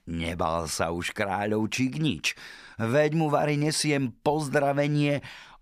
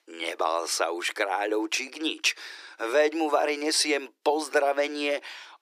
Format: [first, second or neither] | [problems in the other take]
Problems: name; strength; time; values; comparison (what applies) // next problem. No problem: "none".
first | thin; very; fading below 300 Hz